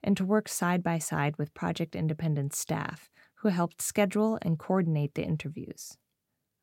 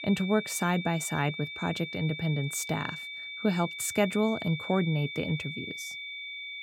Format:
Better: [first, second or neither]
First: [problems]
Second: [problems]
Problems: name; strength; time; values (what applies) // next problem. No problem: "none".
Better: first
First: none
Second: high-pitched whine; loud; throughout; 2.5 kHz, 7 dB below the speech